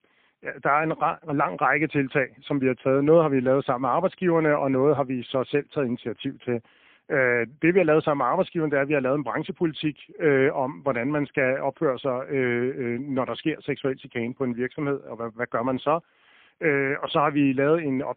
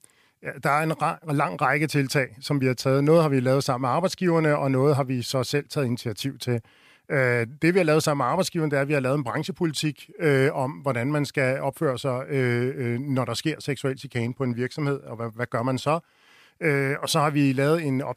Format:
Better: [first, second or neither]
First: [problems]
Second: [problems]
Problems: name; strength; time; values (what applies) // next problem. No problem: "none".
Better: second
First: phone-call audio; poor line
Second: none